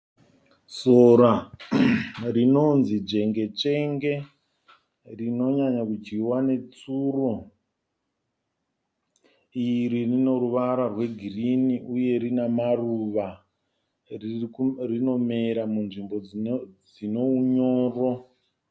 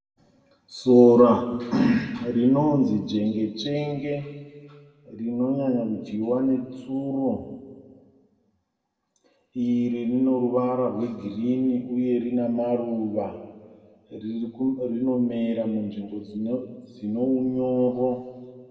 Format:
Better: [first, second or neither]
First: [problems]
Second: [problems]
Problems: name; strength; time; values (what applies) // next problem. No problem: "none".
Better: first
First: none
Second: room echo; dies away in 1.4 s